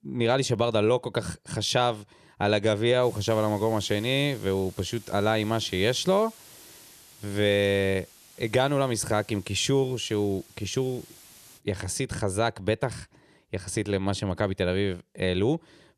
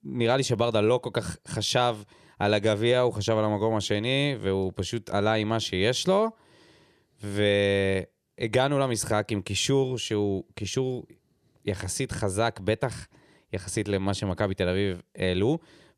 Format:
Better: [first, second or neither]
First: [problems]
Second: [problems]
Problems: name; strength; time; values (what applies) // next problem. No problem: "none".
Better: second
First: hiss; faint; from 3 to 12 s; 20 dB below the speech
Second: none